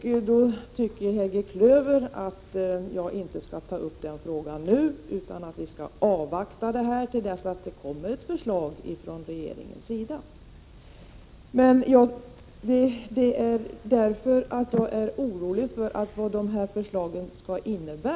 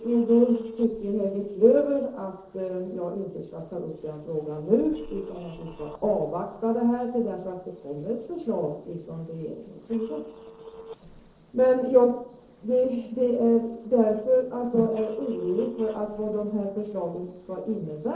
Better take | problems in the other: first | noise reduction (neural separator model SepFormer DNS4)

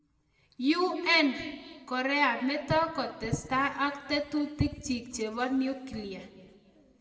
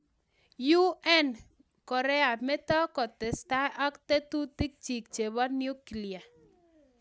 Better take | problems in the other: second | room echo; dies away in 1.6 s

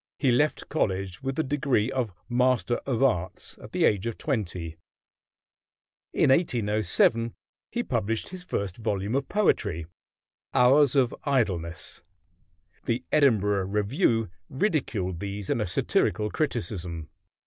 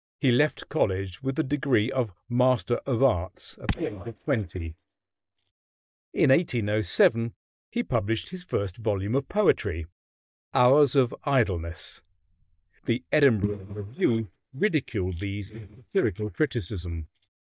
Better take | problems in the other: first | noise reduction (neural mask model DeepFilterNet 3)

